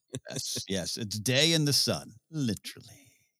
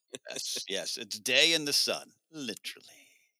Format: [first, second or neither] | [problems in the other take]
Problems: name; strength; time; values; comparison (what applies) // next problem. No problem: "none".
first | thin; somewhat; fading below 450 Hz